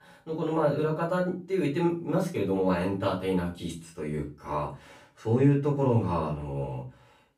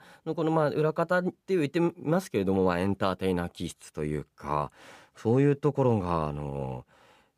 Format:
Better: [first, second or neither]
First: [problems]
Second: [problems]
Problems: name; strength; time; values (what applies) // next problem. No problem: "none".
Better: second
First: off-mic speech; far // room echo; slight; dies away in 0.3 s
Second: none